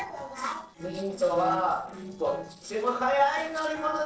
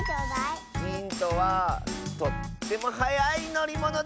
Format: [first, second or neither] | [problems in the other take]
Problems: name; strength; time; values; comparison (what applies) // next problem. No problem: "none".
second | noise reduction (neural separator model SepFormer DNS4)